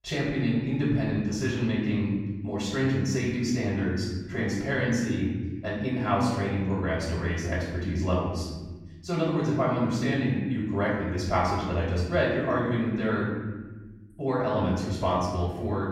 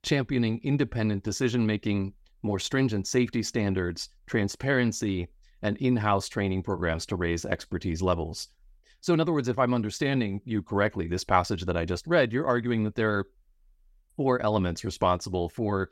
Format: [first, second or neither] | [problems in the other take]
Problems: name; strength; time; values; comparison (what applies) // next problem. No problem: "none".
second | off-mic speech; far // room echo; noticeable; dies away in 1.5 s